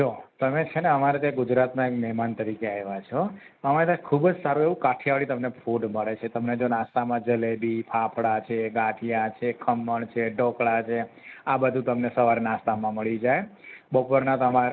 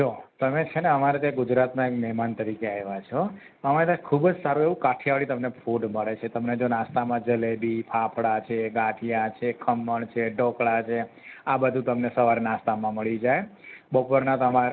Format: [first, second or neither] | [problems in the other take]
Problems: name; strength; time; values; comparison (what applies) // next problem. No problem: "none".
second | noise reduction (neural mask model Resemble Enhance denoiser)